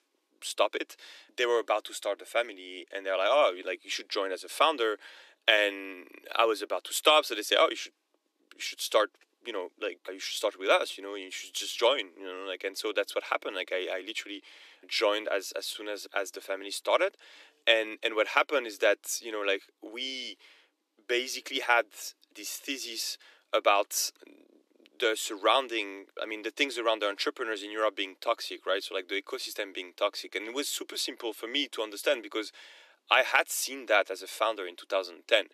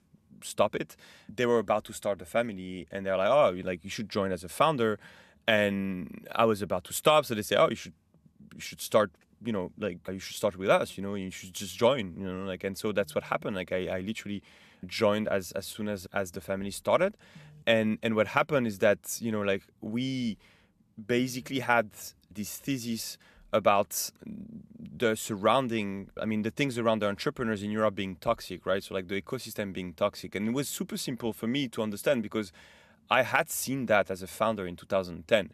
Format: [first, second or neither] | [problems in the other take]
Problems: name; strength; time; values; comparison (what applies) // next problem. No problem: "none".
second | thin; somewhat; fading below 300 Hz